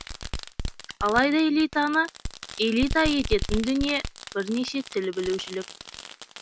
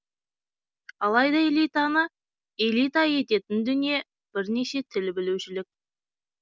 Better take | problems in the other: second | background sound (Fireworks); 8 dB below the speech

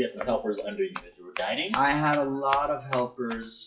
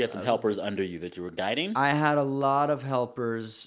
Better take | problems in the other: second | noise reduction (classical method WPE with log-MMSE)

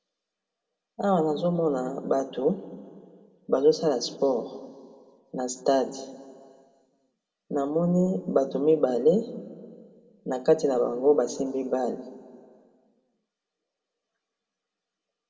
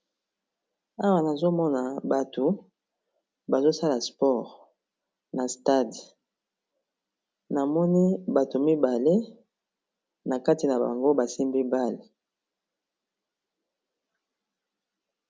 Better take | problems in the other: second | room echo; dies away in 1.2 s

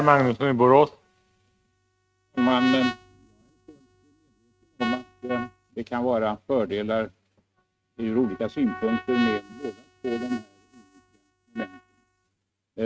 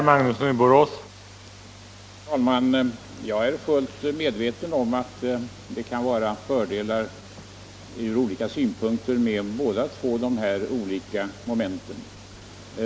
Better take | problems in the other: second | noise reduction (neural mask model RNNoise)

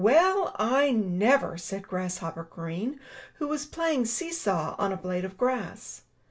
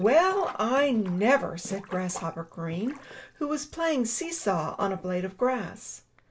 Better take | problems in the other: first | background sound (Sink (filling or washing)); 20 dB below the speech

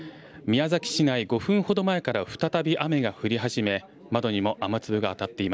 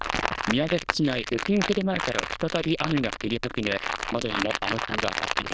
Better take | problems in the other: first | noise reduction (neural diffusion model UNIVERSE++)

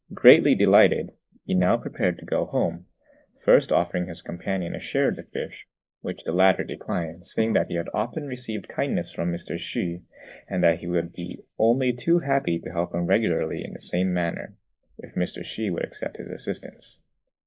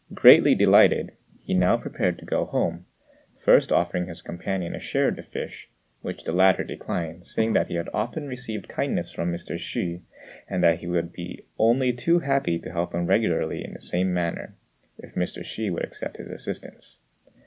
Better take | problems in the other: second | noise reduction (neural mask model Resemble Enhance denoiser)

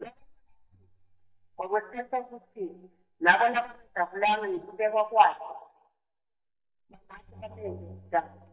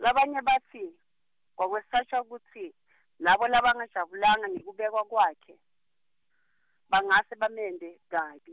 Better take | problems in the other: second | noise reduction (neural mask model DeepFilterNet 3)

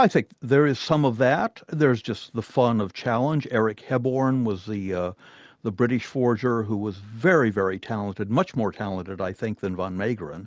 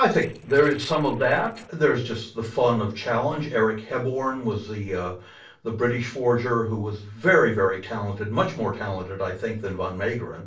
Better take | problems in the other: first | noise reduction (neural separator model SepFormer DNS4)

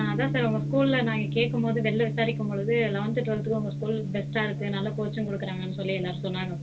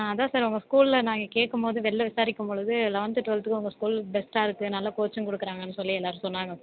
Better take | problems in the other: second | background sound (Gong); 4 dB below the speech // room echo; dies away in 0.1 s

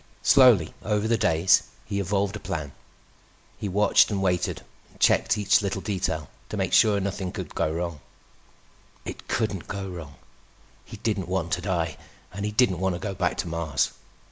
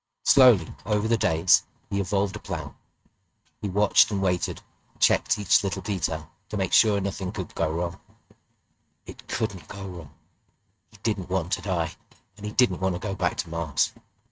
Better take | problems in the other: first | noise reduction (neural mask model RNNoise)

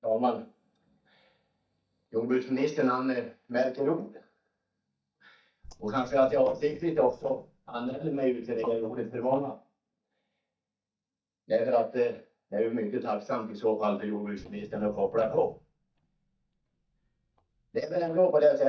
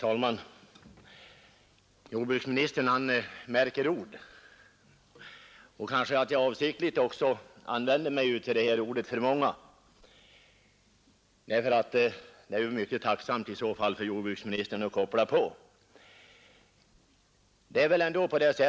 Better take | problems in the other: second | noise reduction (neural mask model DeepFilterNet 3)

